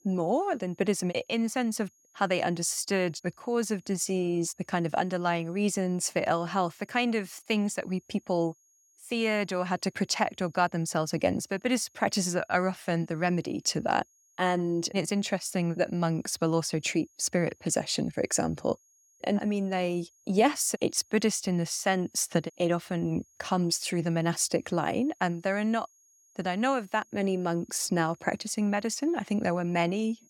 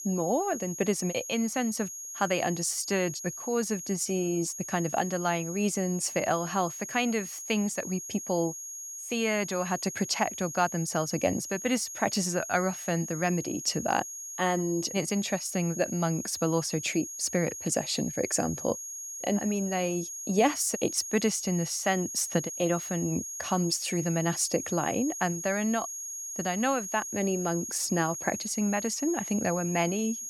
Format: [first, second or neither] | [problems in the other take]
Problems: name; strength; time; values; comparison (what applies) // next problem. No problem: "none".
first | high-pitched whine; loud; throughout; 6.5 kHz, 7 dB below the speech; faint in the first